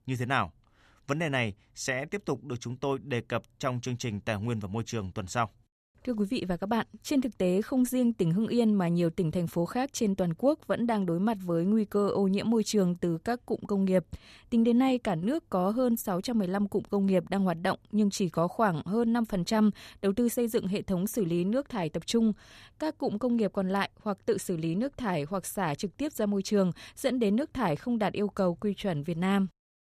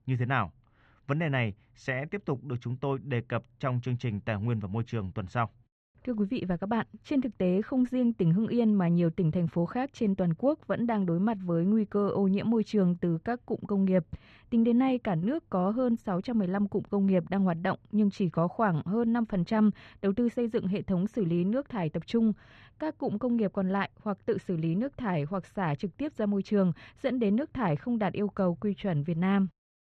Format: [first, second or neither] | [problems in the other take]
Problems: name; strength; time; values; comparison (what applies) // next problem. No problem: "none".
first | muffled; slightly; fading above 2.5 kHz